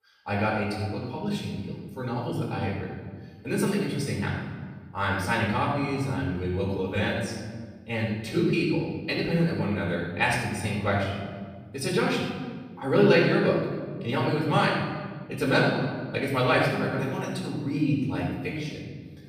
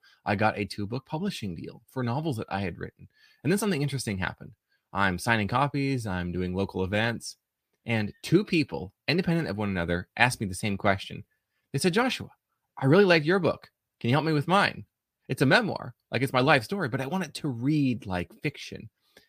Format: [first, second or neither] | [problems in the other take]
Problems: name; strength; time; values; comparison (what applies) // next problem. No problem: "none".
second | off-mic speech; far // room echo; noticeable; dies away in 1.4 s